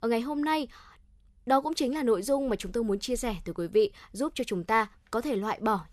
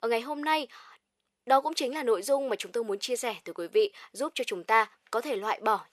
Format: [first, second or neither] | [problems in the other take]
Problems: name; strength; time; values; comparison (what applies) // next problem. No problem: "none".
first | thin; somewhat; fading below 500 Hz